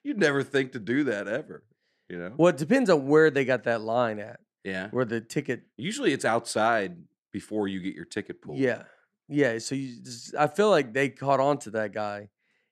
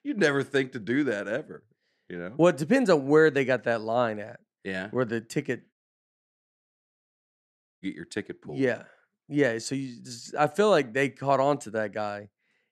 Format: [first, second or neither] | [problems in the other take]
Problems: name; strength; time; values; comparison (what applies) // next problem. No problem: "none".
first | audio cutting out; at 5.5 s for 2 s